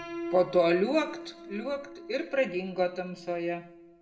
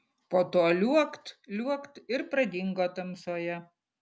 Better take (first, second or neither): second